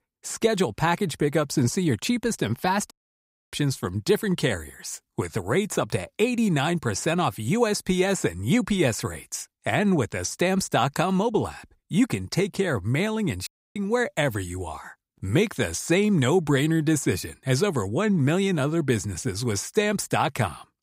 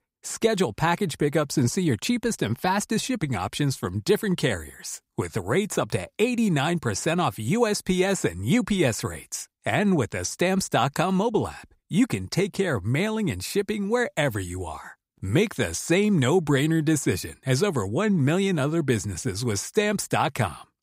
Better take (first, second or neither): second